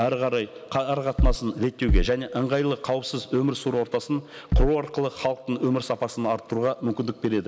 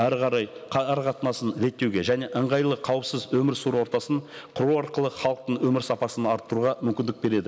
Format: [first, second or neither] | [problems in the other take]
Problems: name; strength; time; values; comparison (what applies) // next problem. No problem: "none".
second | background sound (Bass drum); 4 dB above the speech